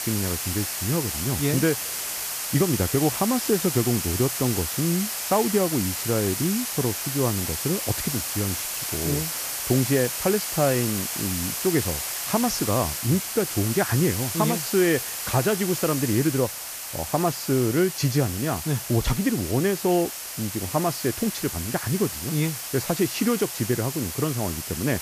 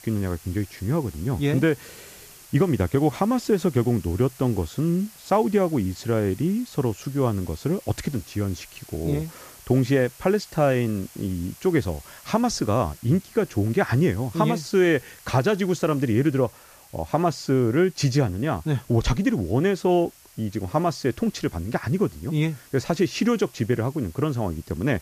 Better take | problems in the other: second | hiss; loud; throughout; 3 dB below the speech; faint in the second

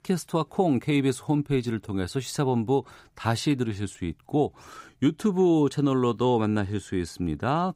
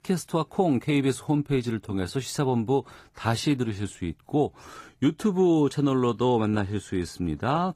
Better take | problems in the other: first | garbled, watery; slightly; nothing above 14.5 kHz

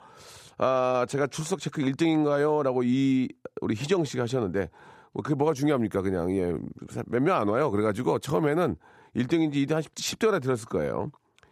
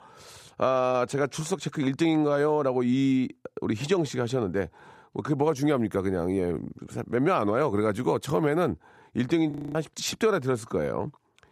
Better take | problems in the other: first | audio freezing; at 9.5 s

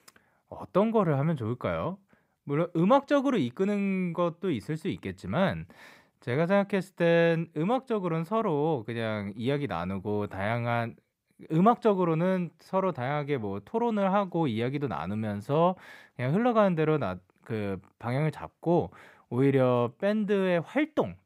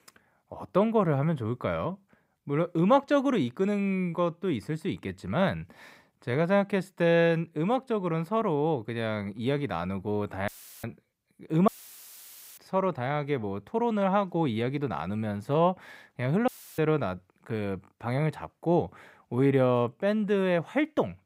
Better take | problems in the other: first | audio cutting out; filled with static; at 10 s, at 12 s for 1 s and at 16 s

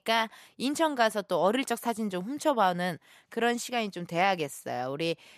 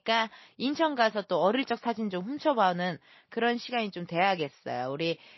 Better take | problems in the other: first | garbled, watery; slightly; nothing above 5.5 kHz

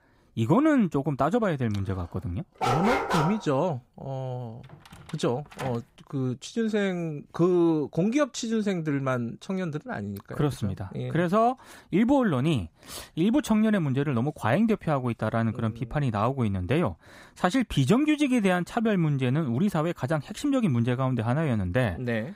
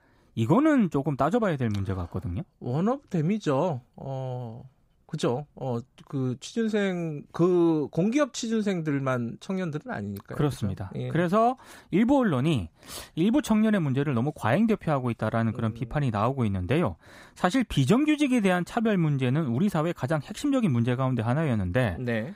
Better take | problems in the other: second | dog barking; loud; at 2.5 s; peak 1 dB above the speech // door banging; faint; from 4.5 to 6 s; peak 15 dB below the speech

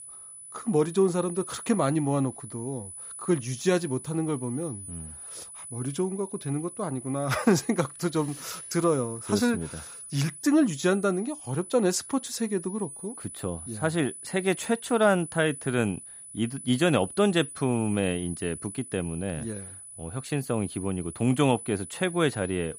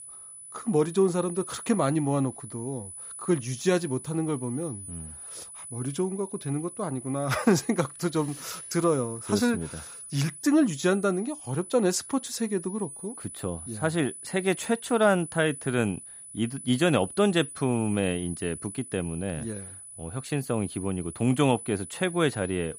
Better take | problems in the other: neither | high-pitched whine; noticeable; throughout; 10 kHz, 10 dB below the speech; the same in both

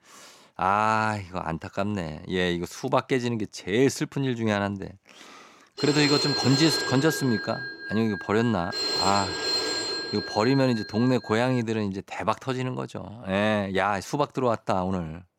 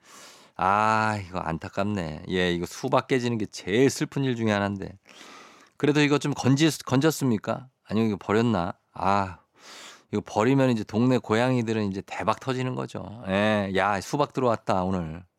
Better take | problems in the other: second | phone ringing; loud; from 6 to 12 s; peak 2 dB above the speech

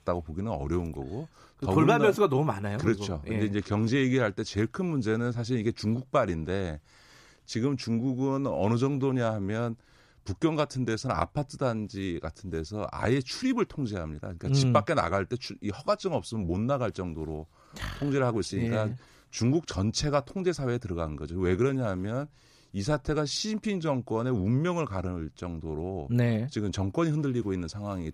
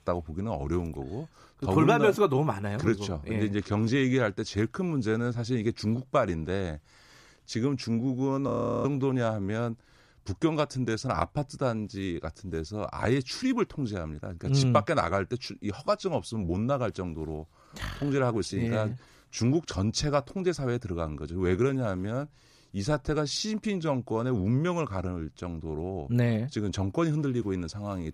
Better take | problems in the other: first | audio freezing; at 8.5 s

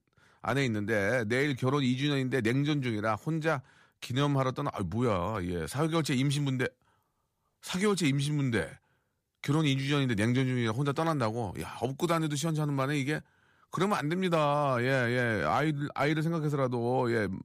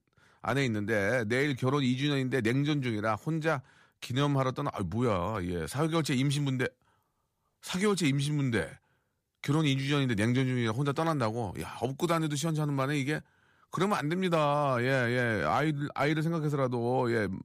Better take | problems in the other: neither | none

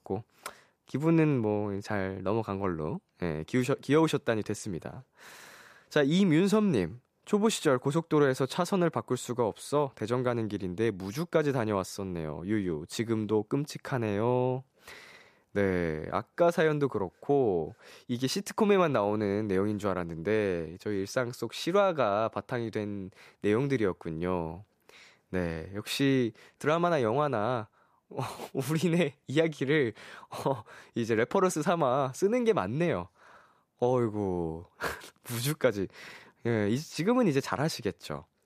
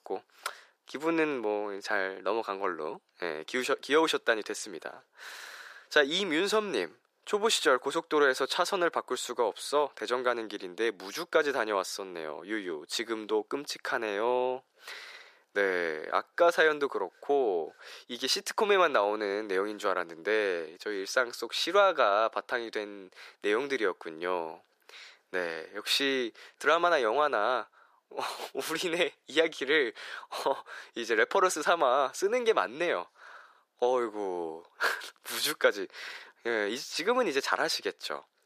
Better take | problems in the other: first | thin; very; fading below 400 Hz

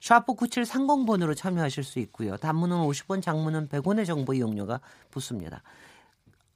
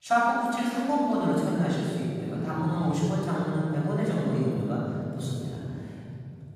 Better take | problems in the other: first | off-mic speech; far // room echo; strong; dies away in 3 s

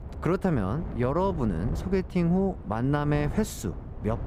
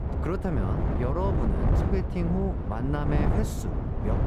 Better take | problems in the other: first | wind noise on the microphone; heavy; 1 dB below the speech; occasional gusts in the first

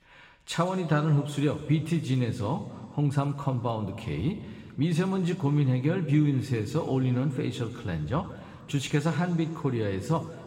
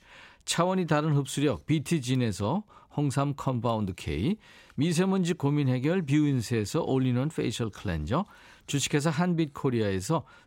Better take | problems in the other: second | room echo; slight; dies away in 2.1 s

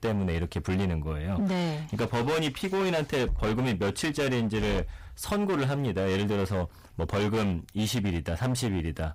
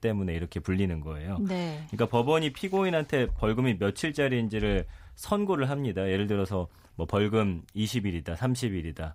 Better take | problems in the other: second | distortion; heavy; 23% of the sound clipped

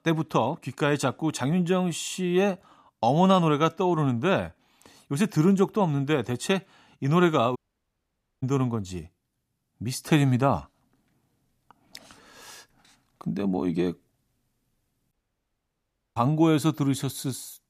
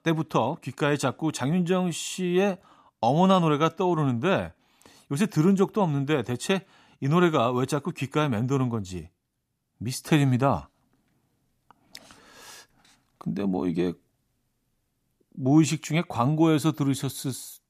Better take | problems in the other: second | audio cutting out; at 7.5 s for 1 s and at 15 s for 1 s

